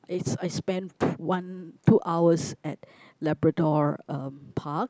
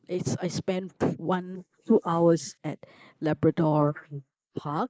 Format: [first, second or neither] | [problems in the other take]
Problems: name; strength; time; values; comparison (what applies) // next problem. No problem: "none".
first | noise reduction (neural mask model Resemble Enhance denoiser)